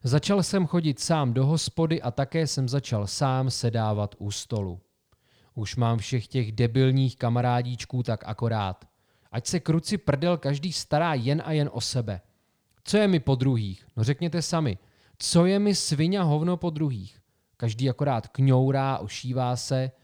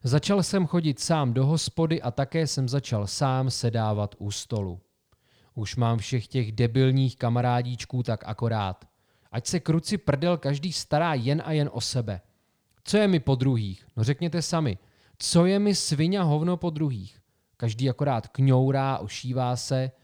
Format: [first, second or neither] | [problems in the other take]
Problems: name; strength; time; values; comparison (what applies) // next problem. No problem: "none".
neither | none